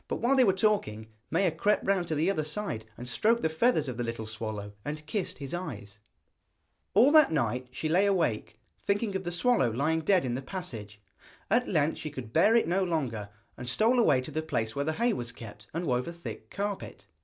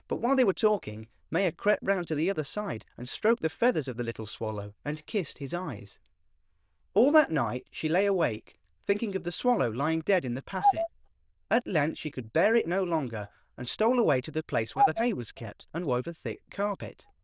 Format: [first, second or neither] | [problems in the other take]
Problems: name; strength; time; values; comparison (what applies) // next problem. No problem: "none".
first | noise reduction (neural diffusion model UNIVERSE++)